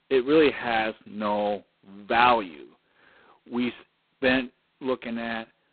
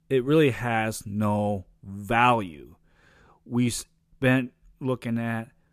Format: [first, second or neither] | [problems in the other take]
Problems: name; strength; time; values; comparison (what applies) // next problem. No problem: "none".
second | phone-call audio; poor line; nothing above 4 kHz